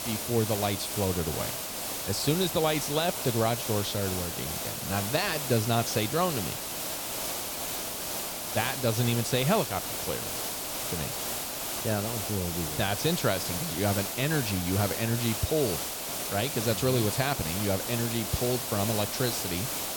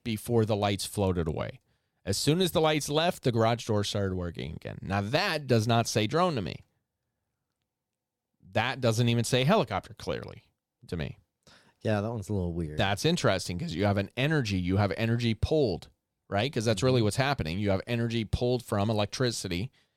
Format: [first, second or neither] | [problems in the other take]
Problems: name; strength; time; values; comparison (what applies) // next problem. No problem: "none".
second | hiss; loud; throughout; 2 dB below the speech